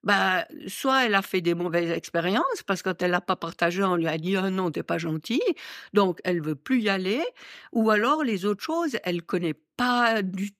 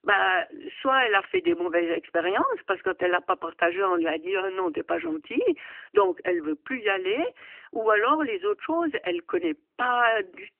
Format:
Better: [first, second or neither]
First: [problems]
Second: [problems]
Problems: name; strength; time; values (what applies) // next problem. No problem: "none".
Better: first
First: none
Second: phone-call audio; nothing above 3 kHz